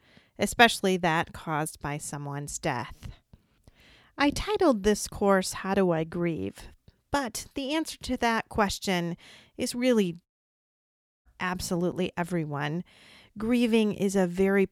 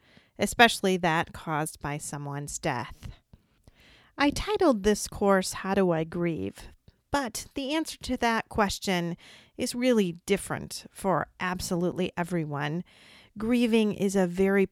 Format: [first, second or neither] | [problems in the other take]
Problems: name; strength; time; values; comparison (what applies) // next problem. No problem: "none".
second | audio cutting out; at 10 s for 1 s